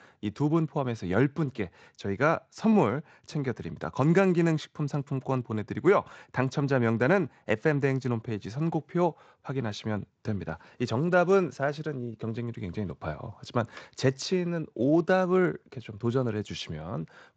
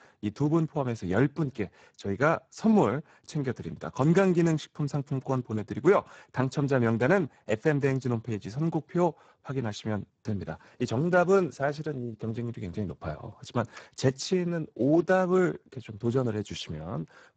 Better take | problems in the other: first | garbled, watery; badly; nothing above 7.5 kHz; slightly in the first

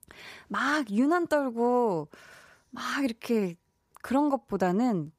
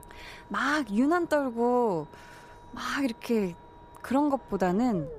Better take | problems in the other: first | low rumble; faint; throughout; 20 dB below the speech

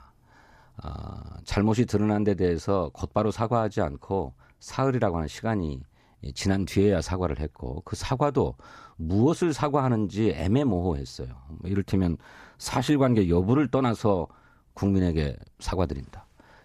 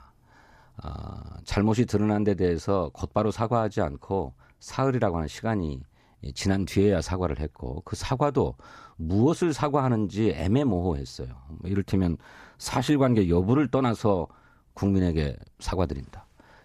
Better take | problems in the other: neither | none

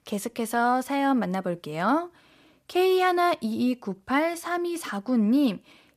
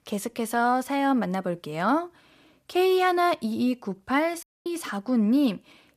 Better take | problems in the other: first | audio cutting out; at 4.5 s

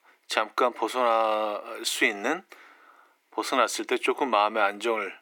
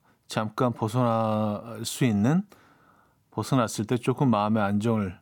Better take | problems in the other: second | thin; very; fading below 300 Hz

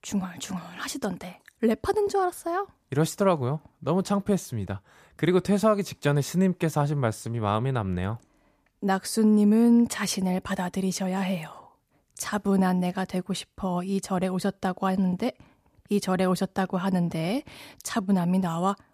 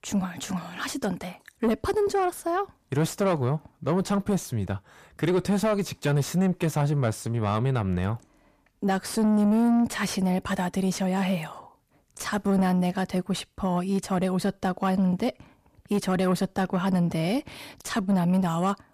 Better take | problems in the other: first | distortion; slight; 10 dB below the speech

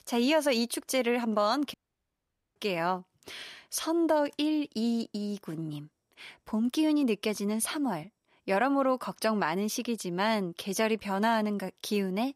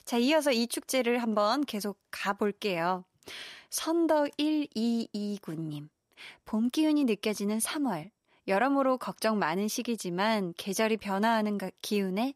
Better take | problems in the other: second | audio cutting out; at 1.5 s for 1 s

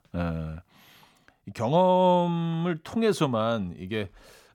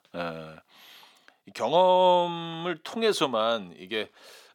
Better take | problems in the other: first | thin; somewhat; fading below 350 Hz

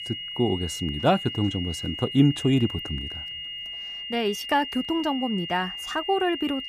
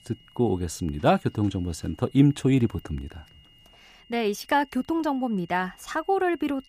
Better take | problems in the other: second | high-pitched whine; loud; throughout; 3 kHz, 7 dB below the speech; faint in the second

